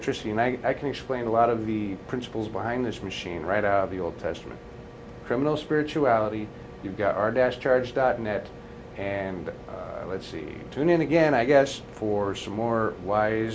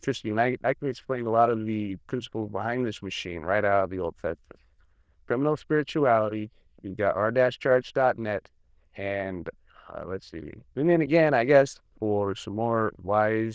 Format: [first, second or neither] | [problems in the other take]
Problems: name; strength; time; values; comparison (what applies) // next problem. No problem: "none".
first | noise reduction (neural diffusion model UNIVERSE++)